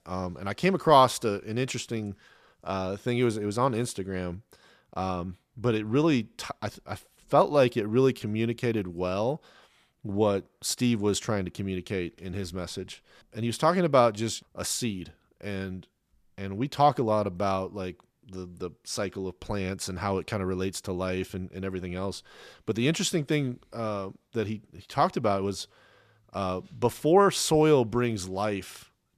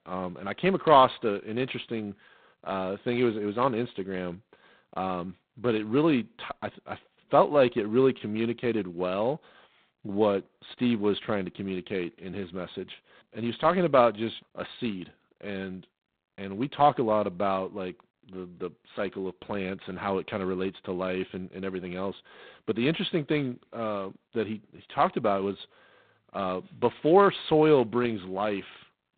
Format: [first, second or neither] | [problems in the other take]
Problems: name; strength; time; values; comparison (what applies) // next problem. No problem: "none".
first | phone-call audio; poor line; nothing above 4 kHz